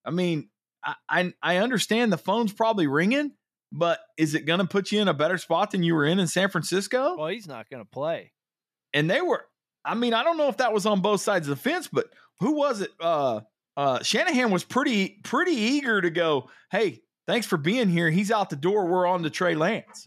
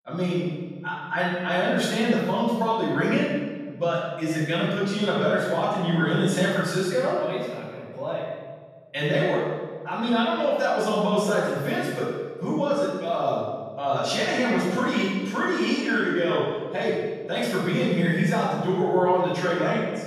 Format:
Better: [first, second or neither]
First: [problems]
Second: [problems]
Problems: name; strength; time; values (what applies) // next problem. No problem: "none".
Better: first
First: none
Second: off-mic speech; far // room echo; strong; dies away in 1.4 s